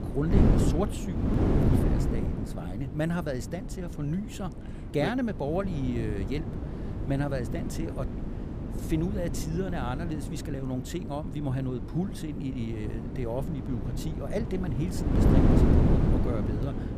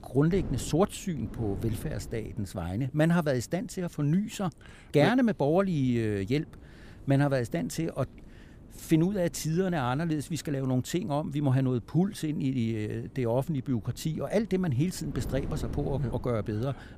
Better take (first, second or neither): second